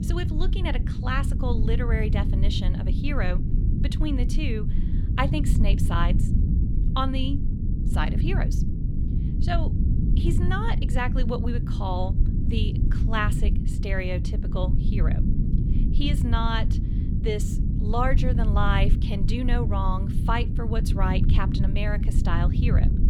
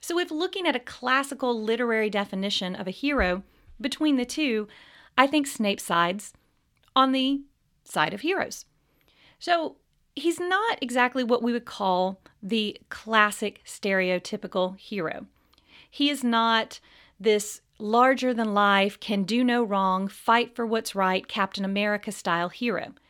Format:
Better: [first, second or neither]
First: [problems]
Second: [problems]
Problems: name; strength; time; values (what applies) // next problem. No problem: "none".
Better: second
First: low rumble; loud; throughout; 7 dB below the speech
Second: none